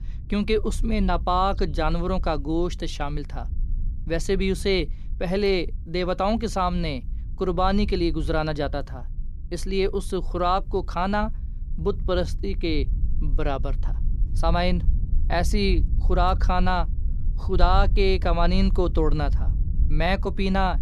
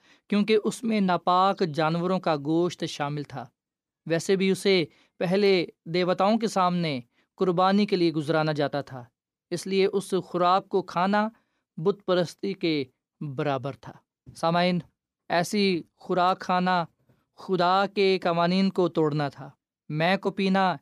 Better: second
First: low rumble; faint; throughout; 25 dB below the speech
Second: none

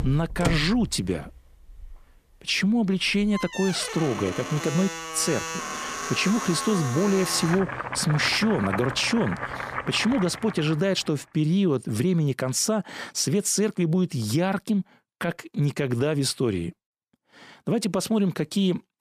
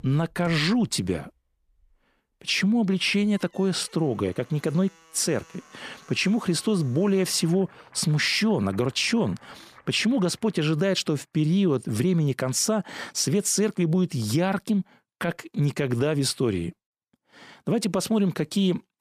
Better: second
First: household noises; loud; until 11 s; 7 dB below the speech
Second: household noises; faint; until 11 s; 30 dB below the speech

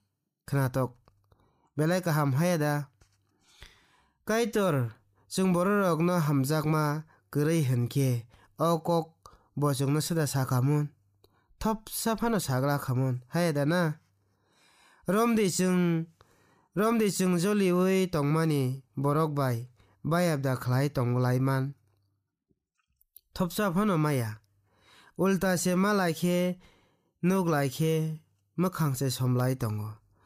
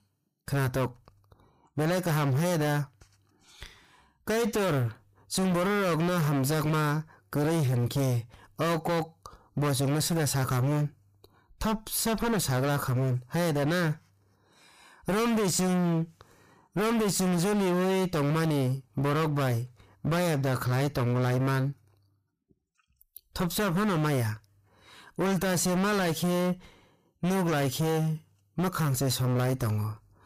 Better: first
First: none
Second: distortion; heavy; 27% of the sound clipped

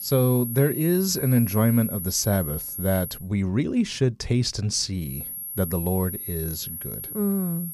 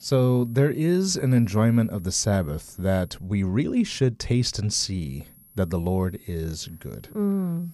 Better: second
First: high-pitched whine; loud; until 3 s and from 5 s on; 11.5 kHz, 7 dB below the speech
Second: high-pitched whine; faint; until 3 s and from 5 s on; 11.5 kHz, 25 dB below the speech

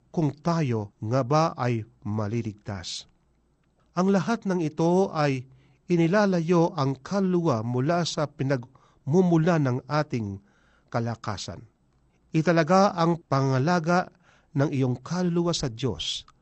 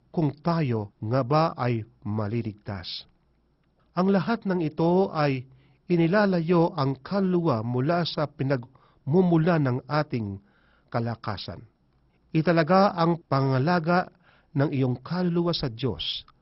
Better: first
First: garbled, watery; slightly; nothing above 8 kHz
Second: garbled, watery; badly; nothing above 5.5 kHz

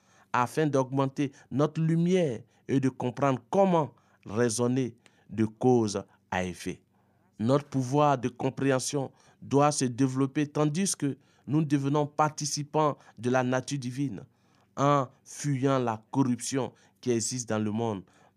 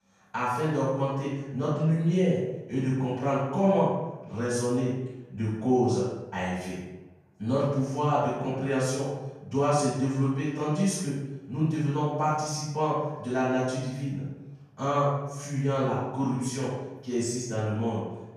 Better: first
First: none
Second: off-mic speech; far // room echo; strong; dies away in 0.8 s

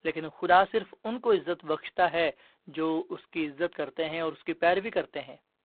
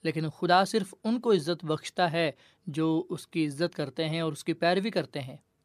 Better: second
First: phone-call audio; poor line; nothing above 4 kHz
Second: none

